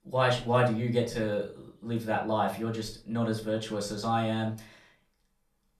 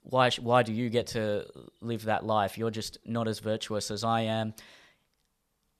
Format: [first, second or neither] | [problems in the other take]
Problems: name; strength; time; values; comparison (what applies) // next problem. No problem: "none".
second | off-mic speech; far // room echo; slight; dies away in 0.3 s